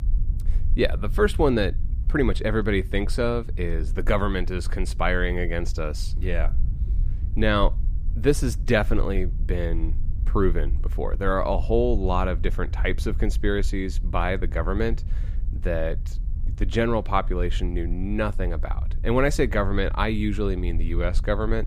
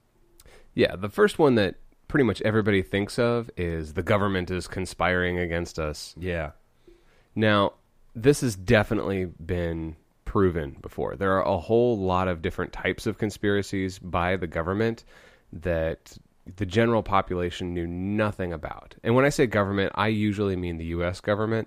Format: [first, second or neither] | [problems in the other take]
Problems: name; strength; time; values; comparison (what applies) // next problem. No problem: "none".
second | low rumble; faint; throughout; 20 dB below the speech